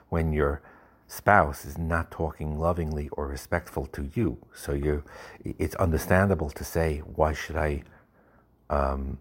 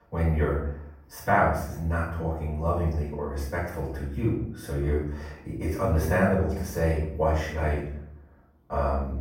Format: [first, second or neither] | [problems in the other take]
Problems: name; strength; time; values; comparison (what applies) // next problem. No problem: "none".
first | room echo; noticeable; dies away in 0.6 s // off-mic speech; far